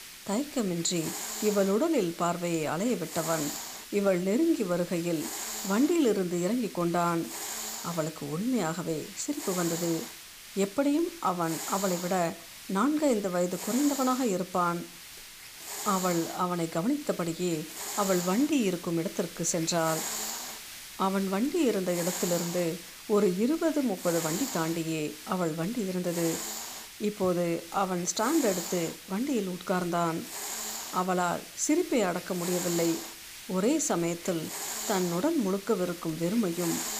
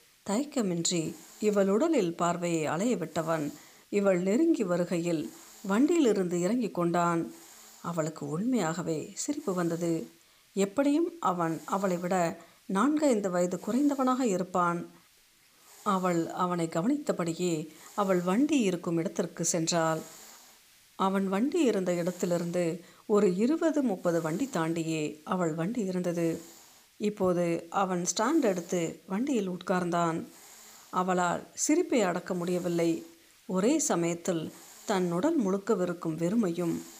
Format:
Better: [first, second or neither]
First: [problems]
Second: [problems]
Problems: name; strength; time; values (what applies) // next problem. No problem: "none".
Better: second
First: hiss; loud; throughout; 8 dB below the speech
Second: hiss; faint; throughout; 25 dB below the speech